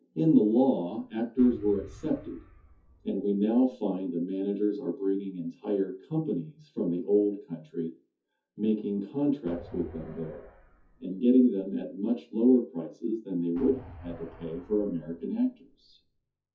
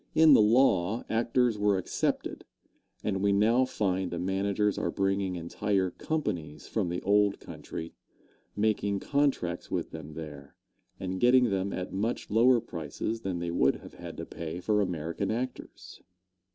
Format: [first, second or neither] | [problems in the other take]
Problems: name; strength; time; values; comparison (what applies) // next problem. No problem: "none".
second | noise reduction (classical method WPE with log-MMSE)